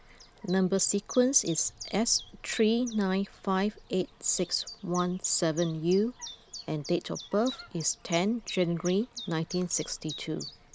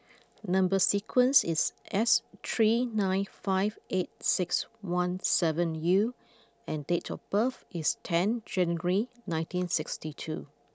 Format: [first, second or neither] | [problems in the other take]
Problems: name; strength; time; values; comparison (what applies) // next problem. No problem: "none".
second | background sound (Chirp, tweet); 16 dB below the speech